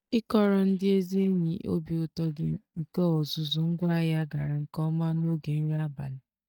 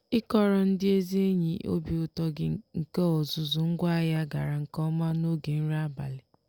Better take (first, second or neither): second